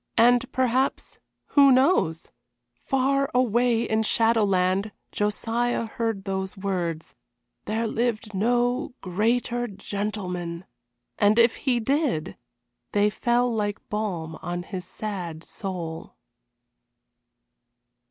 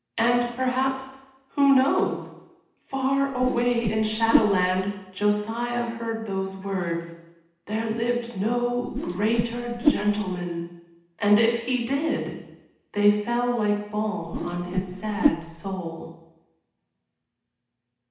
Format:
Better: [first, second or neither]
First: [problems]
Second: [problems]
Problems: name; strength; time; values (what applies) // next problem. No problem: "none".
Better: first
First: none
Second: background sound (Whoosh, swoosh, swish); 2 dB below the speech // room echo; dies away in 0.9 s